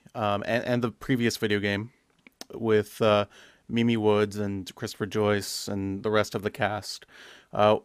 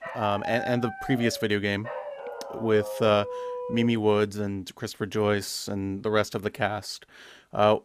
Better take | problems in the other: first | dog barking; noticeable; until 4 s; peak 7 dB below the speech

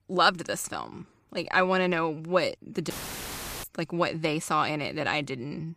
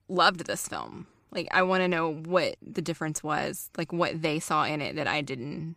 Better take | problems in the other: second | audio cutting out; filled with static; at 3 s for 0.5 s

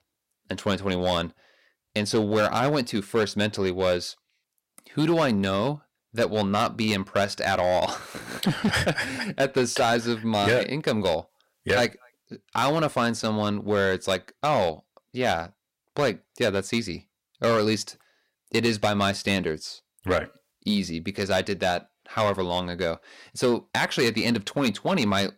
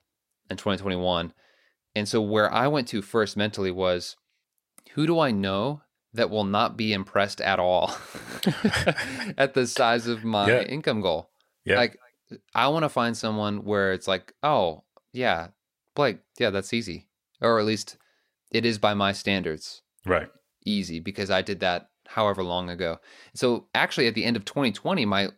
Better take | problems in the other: second | distortion; slight; 5% of the sound clipped

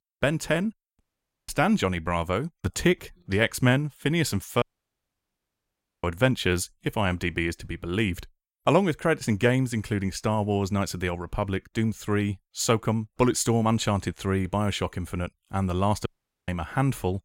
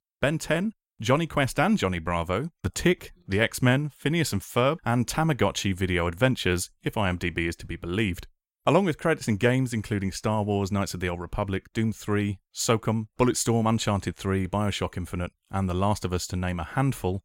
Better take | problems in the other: second | audio cutting out; at 1 s, at 4.5 s for 1.5 s and at 16 s

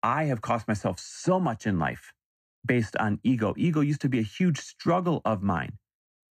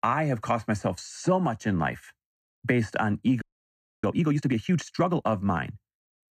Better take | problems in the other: first | audio freezing; at 3.5 s for 0.5 s

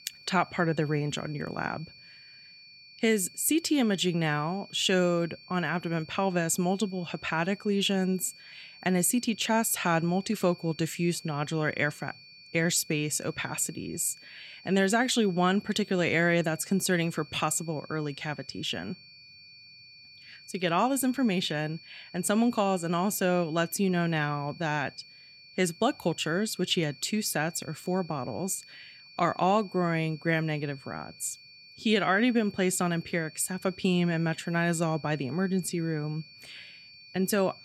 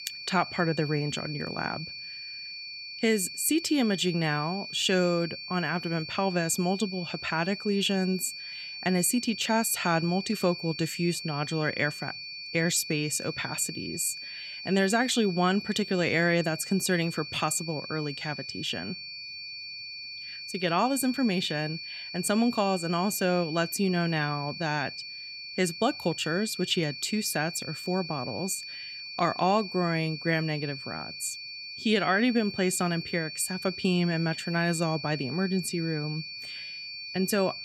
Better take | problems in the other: first | high-pitched whine; loud; throughout; 4.5 kHz, 9 dB below the speech; faint in the first

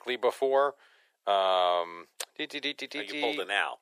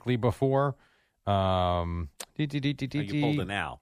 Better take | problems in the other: second | thin; very; fading below 450 Hz

